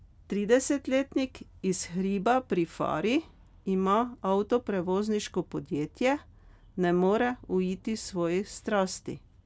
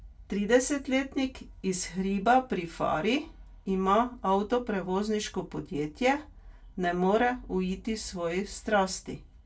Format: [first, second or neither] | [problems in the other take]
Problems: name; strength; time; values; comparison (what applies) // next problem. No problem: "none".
first | room echo; dies away in 0.2 s